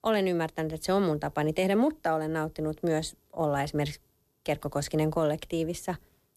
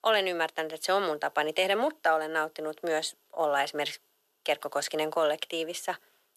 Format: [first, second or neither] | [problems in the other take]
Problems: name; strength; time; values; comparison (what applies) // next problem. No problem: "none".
first | thin; very; fading below 600 Hz